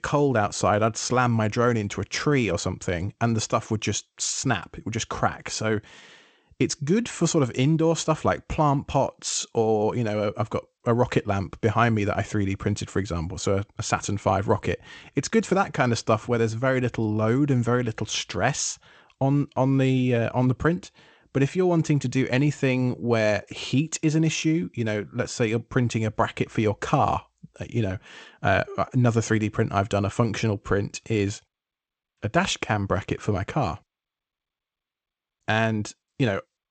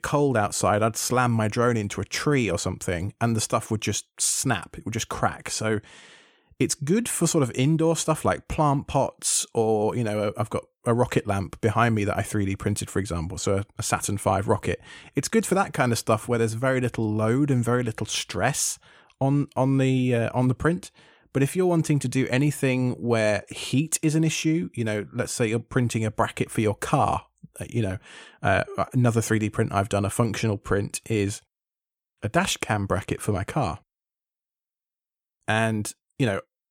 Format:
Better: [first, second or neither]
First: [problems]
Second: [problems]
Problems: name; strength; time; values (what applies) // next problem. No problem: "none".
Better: second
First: garbled, watery; slightly; nothing above 8 kHz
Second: none